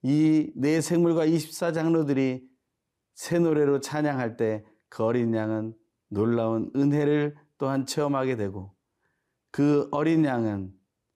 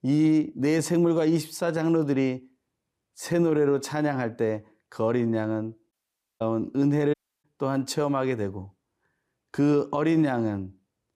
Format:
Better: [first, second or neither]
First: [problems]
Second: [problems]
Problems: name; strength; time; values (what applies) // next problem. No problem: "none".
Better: first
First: none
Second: audio cutting out; at 6 s and at 7 s